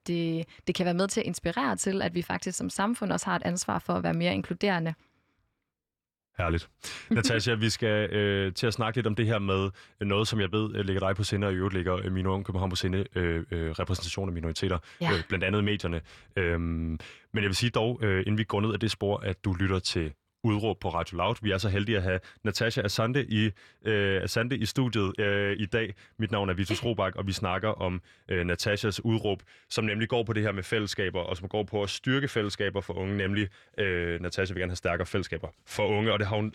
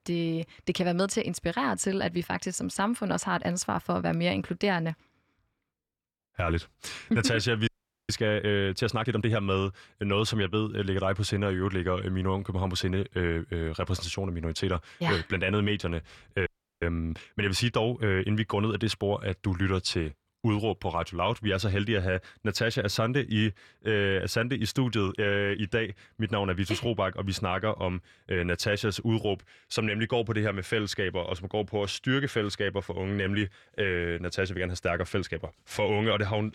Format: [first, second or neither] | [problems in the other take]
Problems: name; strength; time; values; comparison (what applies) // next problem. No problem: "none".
first | audio freezing; at 7.5 s and at 16 s